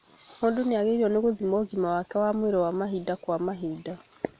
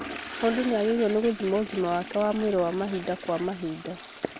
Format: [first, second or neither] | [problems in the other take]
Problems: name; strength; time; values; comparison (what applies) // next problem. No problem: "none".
first | background sound (Toilet flush); 12 dB below the speech